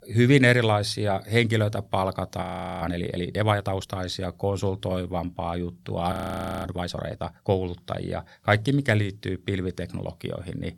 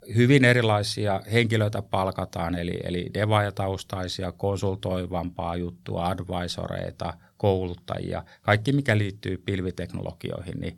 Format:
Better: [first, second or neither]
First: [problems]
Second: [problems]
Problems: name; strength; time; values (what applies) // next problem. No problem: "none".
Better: second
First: audio freezing; at 2.5 s and at 6 s for 0.5 s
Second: none